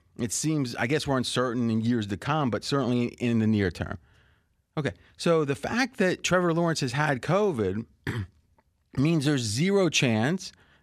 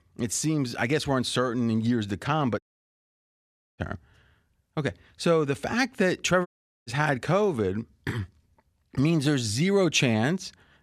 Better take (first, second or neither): first